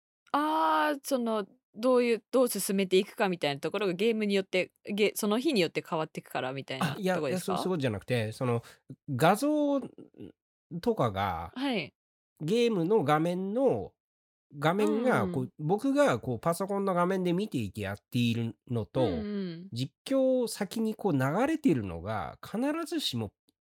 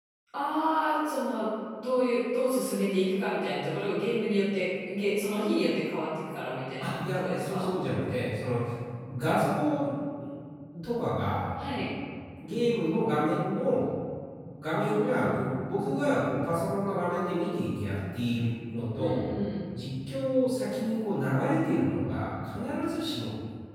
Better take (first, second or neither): first